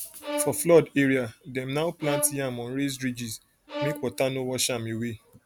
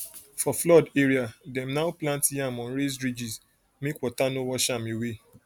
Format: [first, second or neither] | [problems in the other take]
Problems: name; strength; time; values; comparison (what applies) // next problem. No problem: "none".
second | background sound (Bowed string instrument); 11 dB below the speech